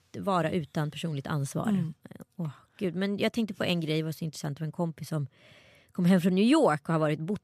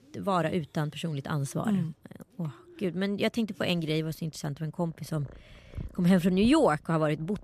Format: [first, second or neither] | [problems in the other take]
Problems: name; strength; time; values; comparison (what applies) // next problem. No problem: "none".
first | animal sounds; faint; throughout; 20 dB below the speech